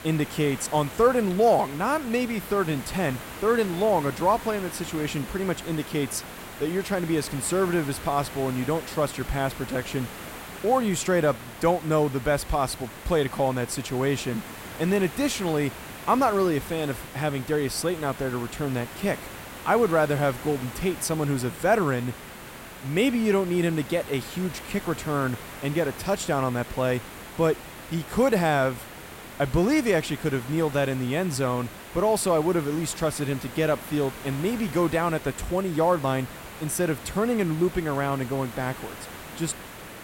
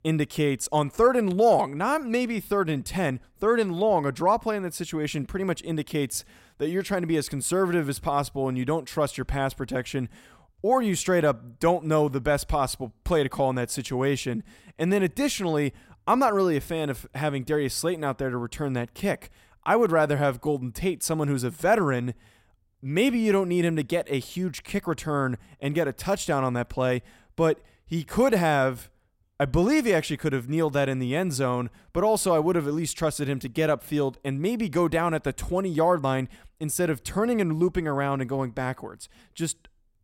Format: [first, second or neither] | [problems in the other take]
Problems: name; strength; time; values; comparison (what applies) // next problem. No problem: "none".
second | hiss; noticeable; throughout; 15 dB below the speech